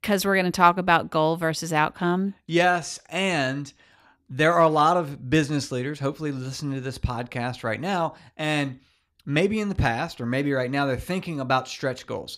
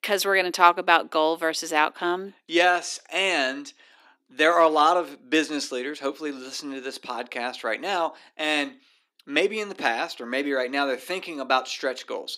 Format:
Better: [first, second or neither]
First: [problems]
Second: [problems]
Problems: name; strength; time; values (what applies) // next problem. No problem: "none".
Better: first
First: none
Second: thin; somewhat; fading below 300 Hz